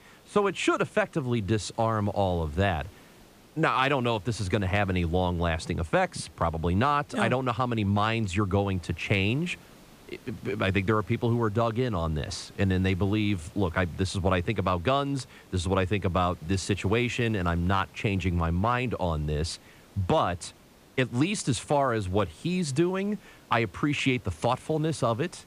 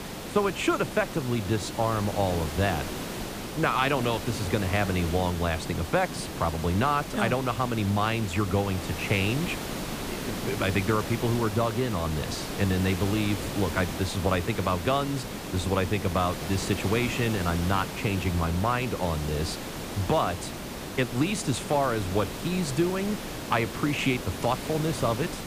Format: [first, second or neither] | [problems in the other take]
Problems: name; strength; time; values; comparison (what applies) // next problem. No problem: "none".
first | hiss; loud; throughout; 7 dB below the speech; faint in the first